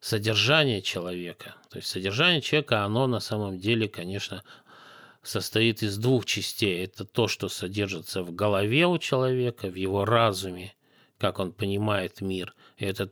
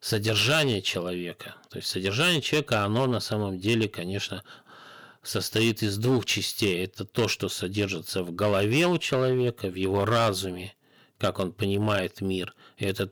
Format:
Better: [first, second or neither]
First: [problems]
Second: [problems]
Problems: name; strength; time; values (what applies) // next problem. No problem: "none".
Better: first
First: none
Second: distortion; slight; 5% of the sound clipped